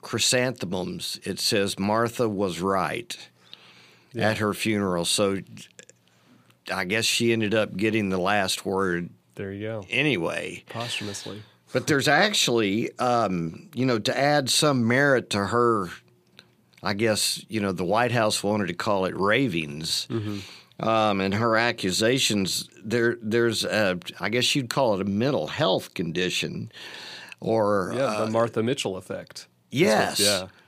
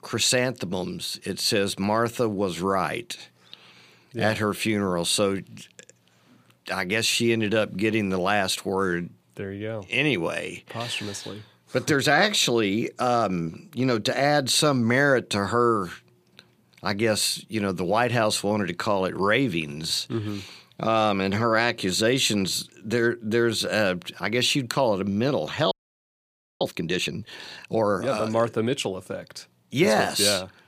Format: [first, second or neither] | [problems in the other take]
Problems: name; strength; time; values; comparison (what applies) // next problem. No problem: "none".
first | audio freezing; at 26 s for 1 s